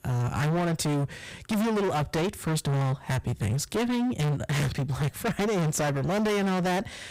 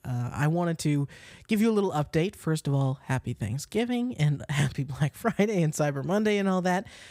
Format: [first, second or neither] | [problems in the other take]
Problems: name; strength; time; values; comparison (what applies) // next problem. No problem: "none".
second | distortion; heavy; 37% of the sound clipped